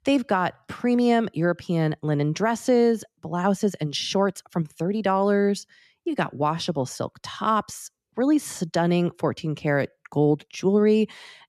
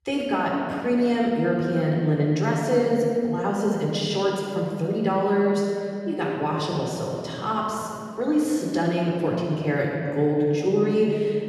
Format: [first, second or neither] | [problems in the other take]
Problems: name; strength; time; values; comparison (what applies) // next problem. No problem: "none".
first | room echo; noticeable; dies away in 2.4 s // off-mic speech; far